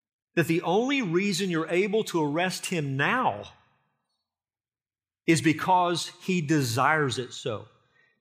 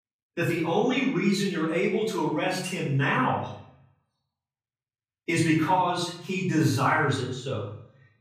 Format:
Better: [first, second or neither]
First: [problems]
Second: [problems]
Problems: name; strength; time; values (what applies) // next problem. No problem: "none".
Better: first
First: none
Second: off-mic speech; far // room echo; noticeable; dies away in 0.6 s